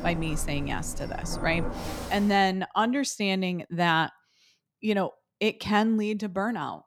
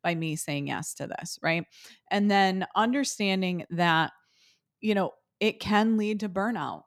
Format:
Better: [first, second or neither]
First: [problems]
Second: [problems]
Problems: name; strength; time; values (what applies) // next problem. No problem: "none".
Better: second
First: rain or running water; loud; until 2.5 s; 10 dB below the speech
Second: none